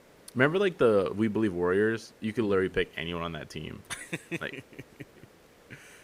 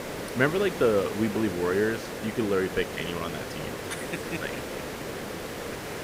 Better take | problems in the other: first | hiss; loud; throughout; 6 dB below the speech; faint in the first

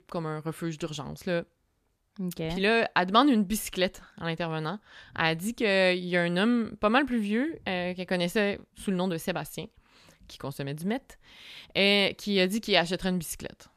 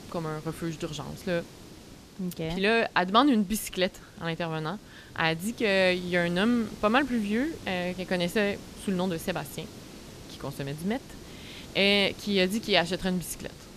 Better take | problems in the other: first | hiss; noticeable; throughout; 20 dB below the speech

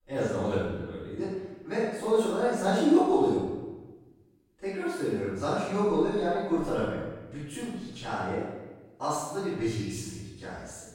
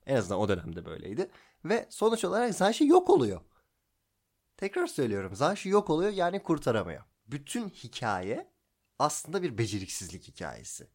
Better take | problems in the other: second | room echo; strong; dies away in 1.1 s // off-mic speech; far

